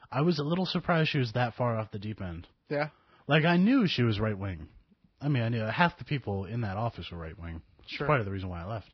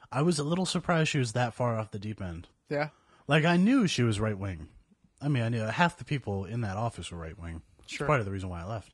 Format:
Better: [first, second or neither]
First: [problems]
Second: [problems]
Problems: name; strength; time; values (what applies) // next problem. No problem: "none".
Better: second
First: garbled, watery; badly; nothing above 5.5 kHz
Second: garbled, watery; slightly